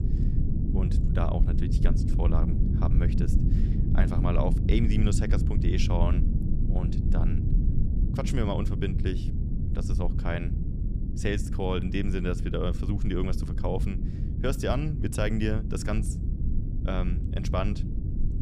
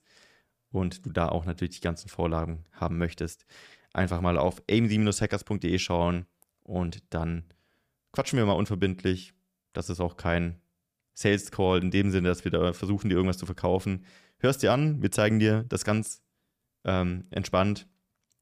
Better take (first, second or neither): second